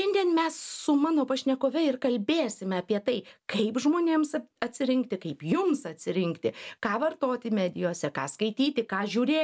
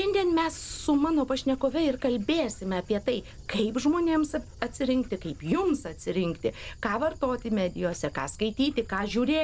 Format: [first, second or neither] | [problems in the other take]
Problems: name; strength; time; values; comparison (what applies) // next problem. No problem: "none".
first | background sound (Dog); 18 dB below the speech